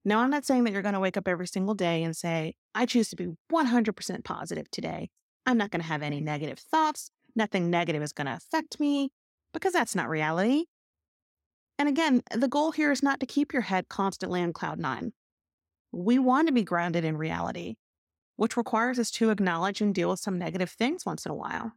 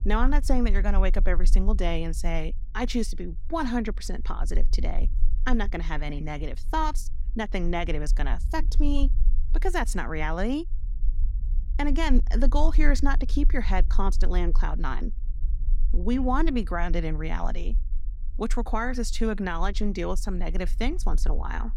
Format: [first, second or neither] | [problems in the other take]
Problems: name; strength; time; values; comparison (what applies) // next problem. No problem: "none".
first | low rumble; faint; throughout; 25 dB below the speech